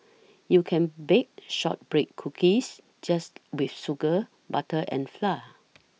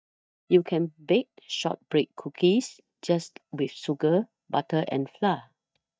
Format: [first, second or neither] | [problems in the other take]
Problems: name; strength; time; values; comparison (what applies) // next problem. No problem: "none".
first | noise reduction (neural mask model DeepFilterNet 3)